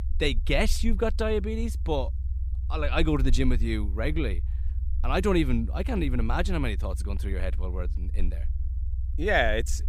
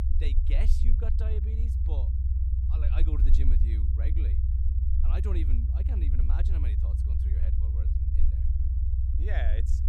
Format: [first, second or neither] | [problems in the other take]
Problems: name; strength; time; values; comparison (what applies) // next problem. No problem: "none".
first | low rumble; loud; throughout; 1 dB below the speech; faint in the first